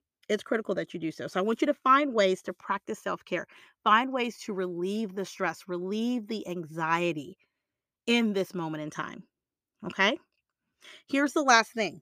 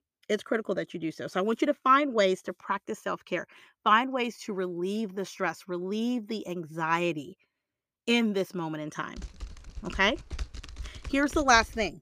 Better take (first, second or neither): first